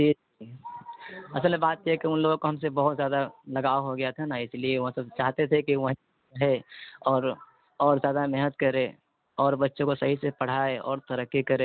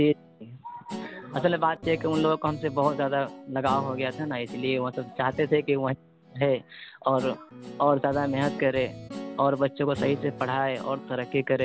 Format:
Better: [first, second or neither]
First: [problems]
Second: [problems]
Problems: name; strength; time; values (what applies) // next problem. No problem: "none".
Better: first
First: none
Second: background sound (Guitar); 13 dB below the speech